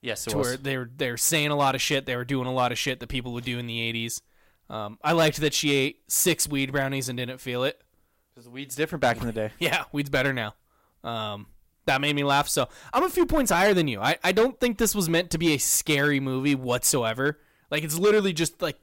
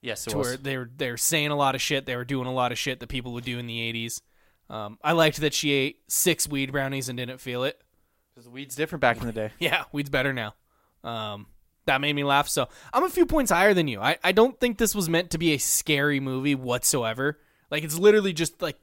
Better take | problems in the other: second | distortion; slight; 3% of the sound clipped

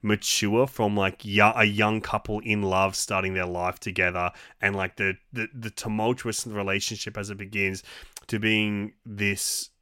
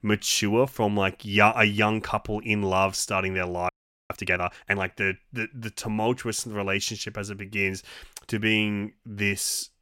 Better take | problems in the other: first | audio freezing; at 3.5 s

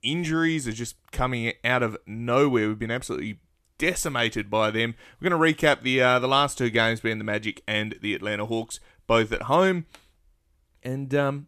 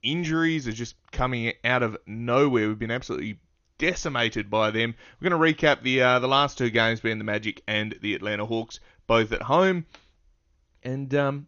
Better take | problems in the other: first | garbled, watery; slightly; nothing above 6.5 kHz

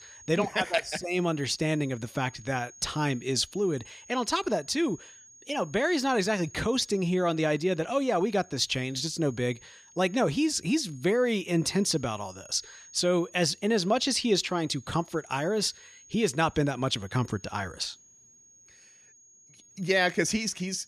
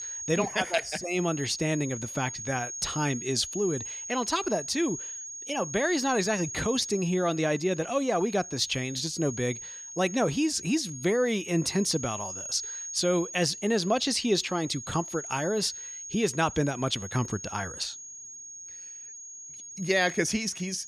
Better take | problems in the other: first | high-pitched whine; loud; throughout; 6.5 kHz, 9 dB below the speech; faint in the first

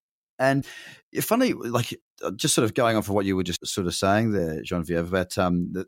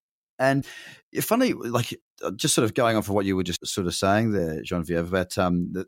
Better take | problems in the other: neither | none

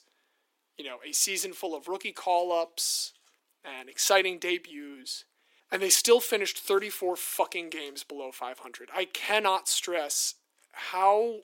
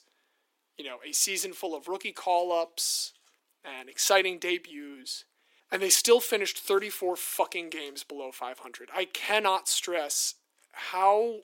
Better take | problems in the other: neither | thin; somewhat; fading below 300 Hz; the same in both

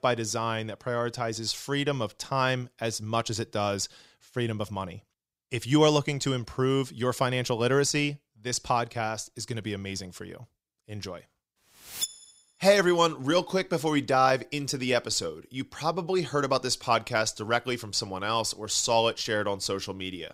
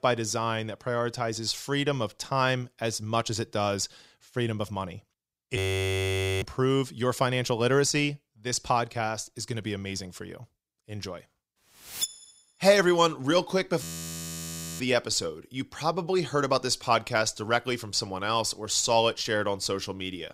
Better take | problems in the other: first | audio freezing; at 5.5 s for 1 s and at 14 s for 1 s

